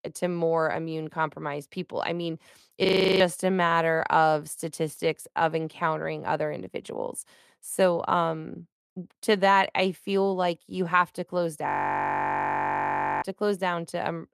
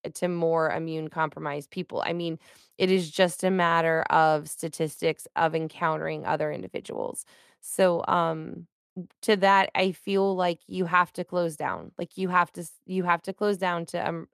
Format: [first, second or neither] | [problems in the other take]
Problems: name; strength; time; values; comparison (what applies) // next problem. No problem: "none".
second | audio freezing; at 3 s and at 12 s for 1.5 s